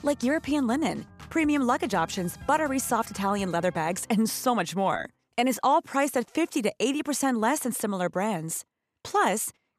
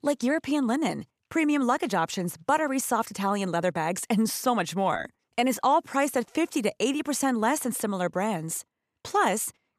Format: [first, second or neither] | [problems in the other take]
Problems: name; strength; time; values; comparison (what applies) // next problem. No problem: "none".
second | background music; faint; until 4.5 s; 20 dB below the speech